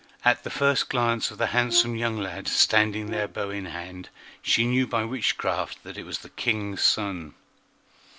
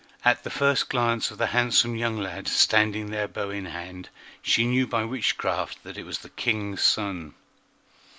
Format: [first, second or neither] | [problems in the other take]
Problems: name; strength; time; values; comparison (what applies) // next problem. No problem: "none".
second | background sound (Brass instrument); 15 dB below the speech